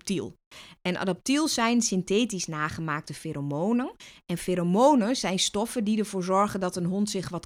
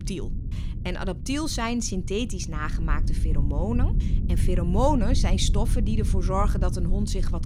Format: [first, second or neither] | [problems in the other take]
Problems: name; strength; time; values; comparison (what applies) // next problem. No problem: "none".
first | low rumble; noticeable; throughout; 10 dB below the speech